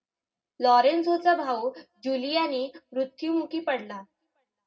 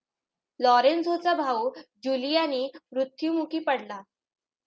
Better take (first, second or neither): second